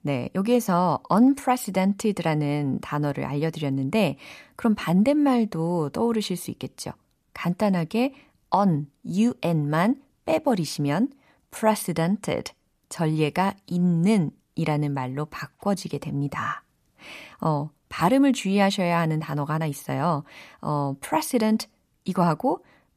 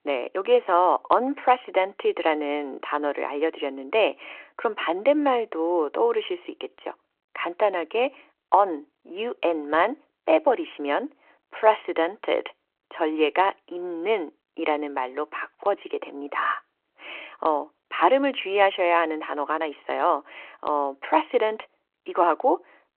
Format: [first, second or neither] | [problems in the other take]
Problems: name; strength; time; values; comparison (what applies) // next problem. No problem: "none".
first | phone-call audio